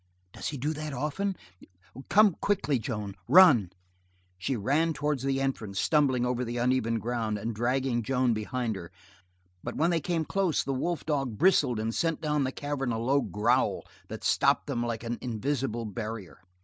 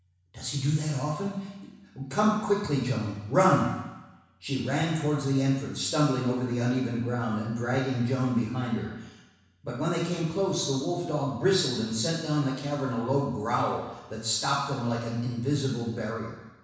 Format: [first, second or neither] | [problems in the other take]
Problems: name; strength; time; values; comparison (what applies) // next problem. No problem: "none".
first | room echo; dies away in 1.1 s